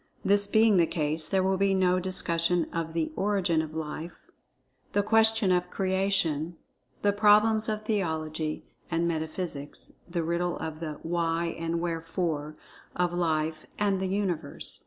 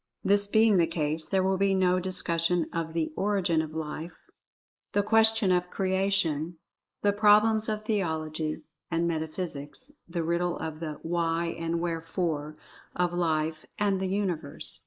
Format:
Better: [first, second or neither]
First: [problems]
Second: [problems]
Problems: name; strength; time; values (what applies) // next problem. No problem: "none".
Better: first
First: none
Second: noise reduction (neural mask model Resemble Enhance denoiser)